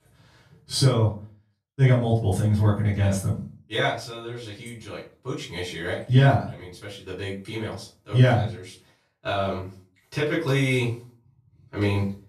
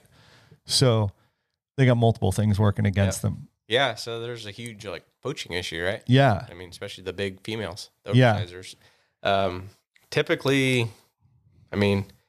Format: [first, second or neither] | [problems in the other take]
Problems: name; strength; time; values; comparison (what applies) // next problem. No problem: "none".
second | room echo; slight; dies away in 0.3 s // off-mic speech; far